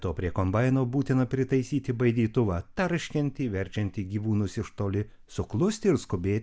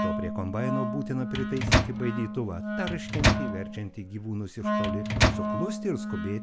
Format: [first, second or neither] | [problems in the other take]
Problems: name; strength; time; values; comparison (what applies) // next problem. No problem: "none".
first | background sound (Wind instrument, woodwind instrument + Microwave oven); 5 dB above the speech